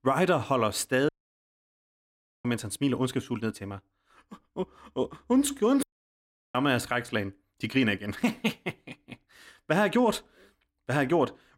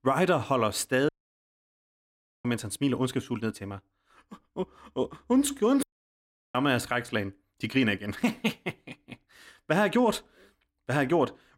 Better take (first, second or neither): neither